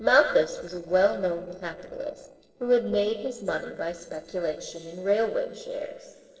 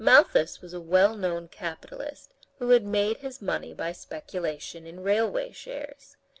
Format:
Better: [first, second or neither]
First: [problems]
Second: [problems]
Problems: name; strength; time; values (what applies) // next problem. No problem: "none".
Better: second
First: noise reduction (neural separator model SepFormer DNS4)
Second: none